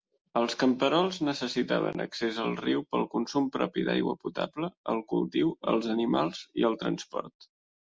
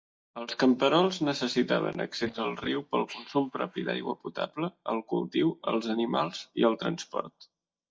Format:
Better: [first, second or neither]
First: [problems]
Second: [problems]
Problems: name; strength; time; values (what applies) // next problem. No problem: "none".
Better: first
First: none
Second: noise reduction (neural mask model DeepFilterNet 3)